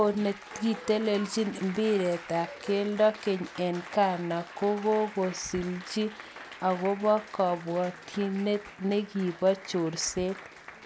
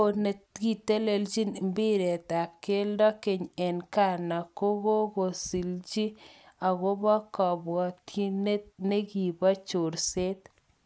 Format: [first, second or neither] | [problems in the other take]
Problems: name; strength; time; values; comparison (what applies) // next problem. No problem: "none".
second | background sound (Applause); 15 dB below the speech